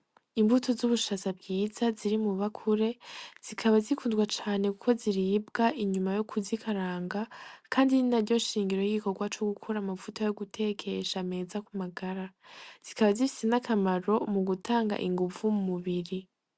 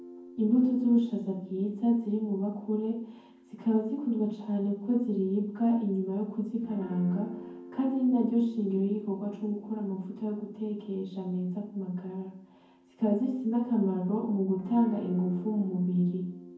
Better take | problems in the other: first | background sound (Guitar); 19 dB below the speech // room echo; dies away in 0.9 s

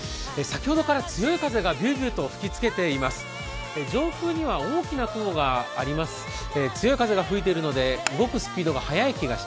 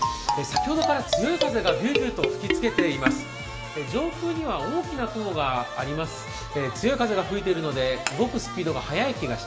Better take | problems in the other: first | background sound (Marimba, xylophone); as loud as the speech // room echo; dies away in 0.6 s

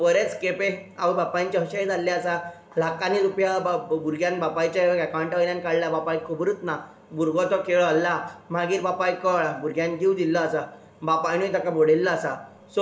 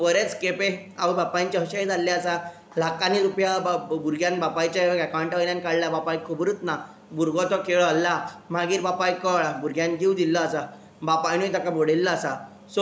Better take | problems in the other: second | room echo; dies away in 0.2 s

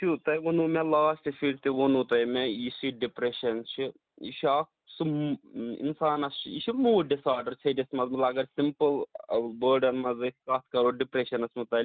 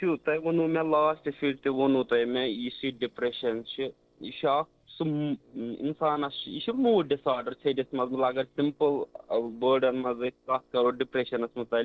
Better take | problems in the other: first | noise reduction (neural separator model SepFormer DNS4)

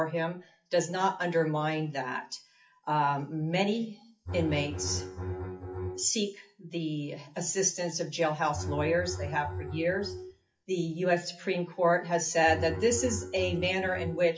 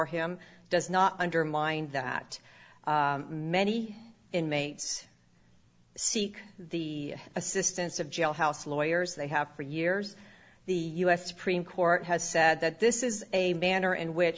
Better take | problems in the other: second | noise reduction (classical method WPE with log-MMSE)

